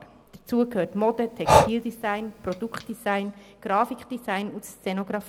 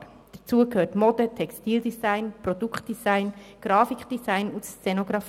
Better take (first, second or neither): second